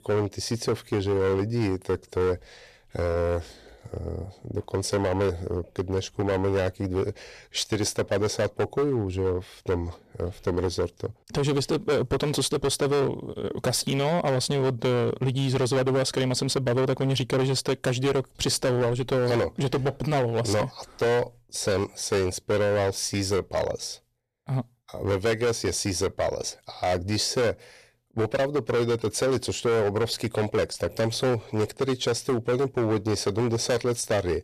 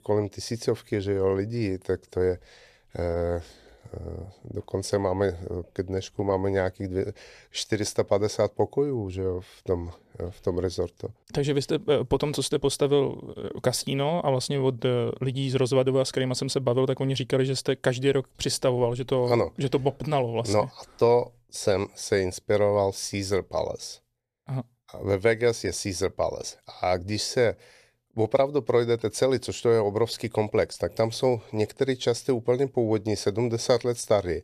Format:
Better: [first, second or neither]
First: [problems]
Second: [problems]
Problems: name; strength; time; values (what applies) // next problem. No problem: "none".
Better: second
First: distortion; heavy; 15% of the sound clipped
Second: none